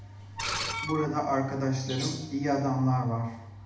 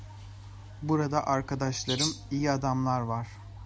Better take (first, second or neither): second